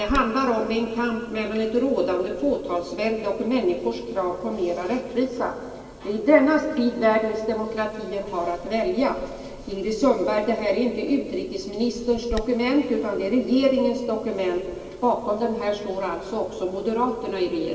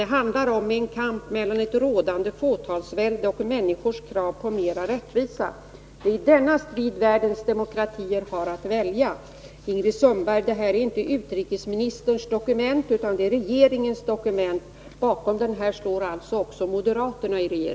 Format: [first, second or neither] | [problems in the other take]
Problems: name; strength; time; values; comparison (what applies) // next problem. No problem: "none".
second | background sound (Wind); 20 dB below the speech // room echo; dies away in 2.1 s